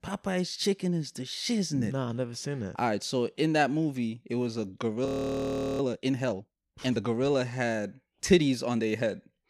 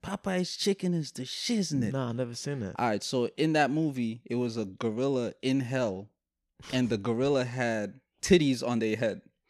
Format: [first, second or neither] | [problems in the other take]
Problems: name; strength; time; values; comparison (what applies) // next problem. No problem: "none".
second | audio freezing; at 5 s for 0.5 s